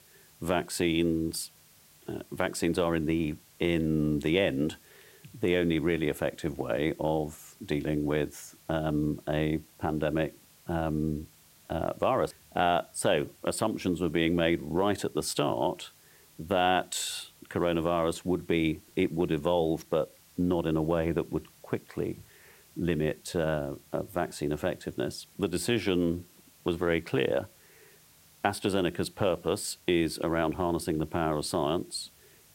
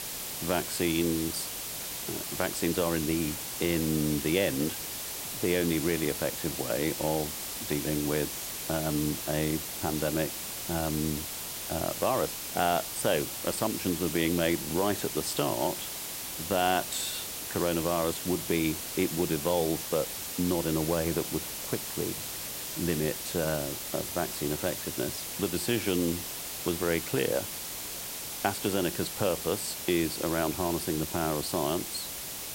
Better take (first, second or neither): first